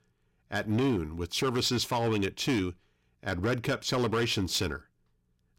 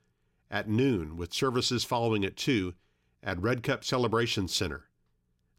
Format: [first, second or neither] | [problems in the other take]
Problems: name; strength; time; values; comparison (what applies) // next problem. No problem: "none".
second | distortion; slight; 8% of the sound clipped